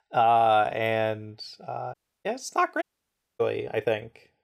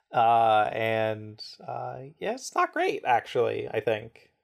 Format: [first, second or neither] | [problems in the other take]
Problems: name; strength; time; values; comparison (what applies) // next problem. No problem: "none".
second | audio cutting out; at 2 s and at 3 s for 0.5 s